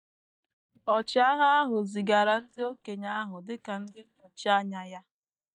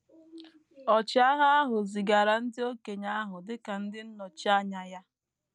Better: second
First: noise reduction (neural mask model DeepFilterNet 3)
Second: none

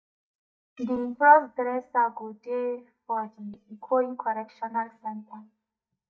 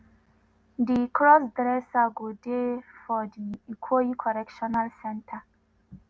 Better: second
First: noise reduction (neural mask model DeepFilterNet 3)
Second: none

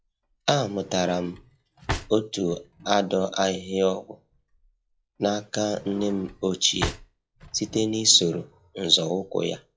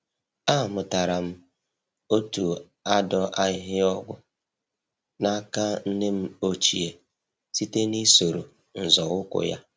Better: second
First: noise reduction (classical method log-MMSE)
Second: none

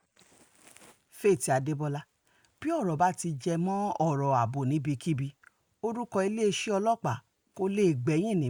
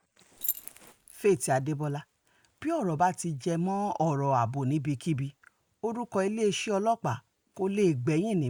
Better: first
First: none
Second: background sound (Keys jangling); 10 dB below the speech

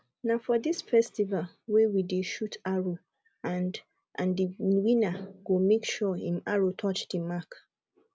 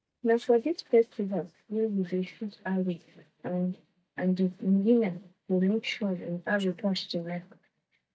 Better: first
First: none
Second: noise reduction (neural mask model DeepFilterNet 3)

